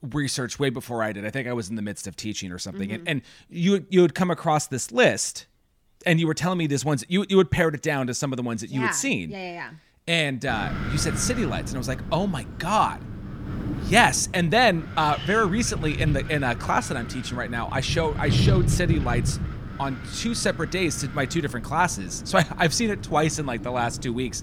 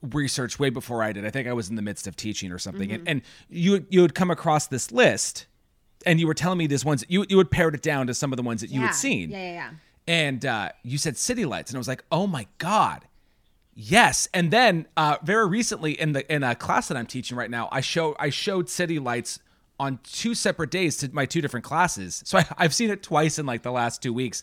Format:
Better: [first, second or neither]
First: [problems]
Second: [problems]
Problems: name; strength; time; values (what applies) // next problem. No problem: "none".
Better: second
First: wind noise on the microphone; occasional gusts; from 10 s on; 15 dB below the speech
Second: none